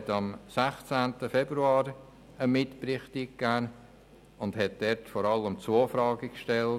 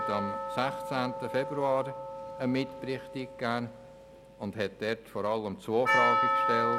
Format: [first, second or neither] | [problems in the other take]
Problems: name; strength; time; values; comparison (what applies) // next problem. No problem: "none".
first | background sound (Percussion); 1 dB below the speech